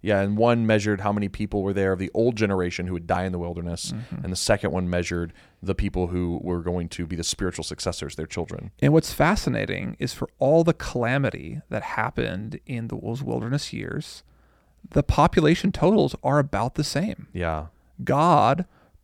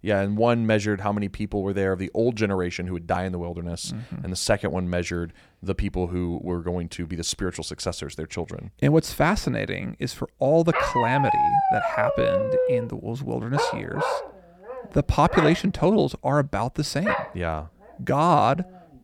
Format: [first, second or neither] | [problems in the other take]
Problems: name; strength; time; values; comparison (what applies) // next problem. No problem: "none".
first | dog barking; loud; from 11 to 18 s; peak 5 dB above the speech